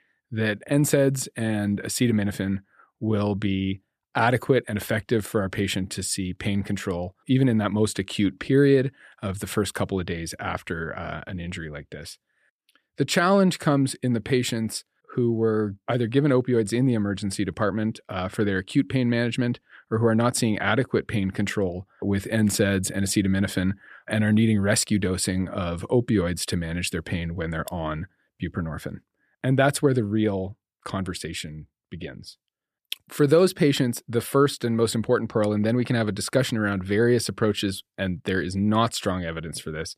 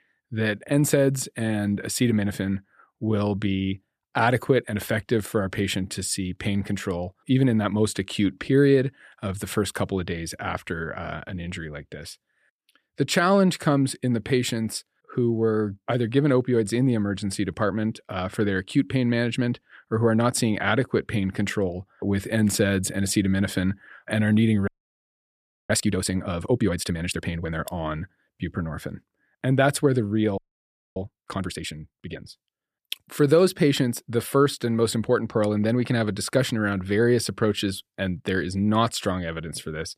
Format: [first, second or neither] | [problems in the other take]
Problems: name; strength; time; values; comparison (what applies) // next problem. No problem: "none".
first | audio freezing; at 25 s for 1 s and at 30 s for 0.5 s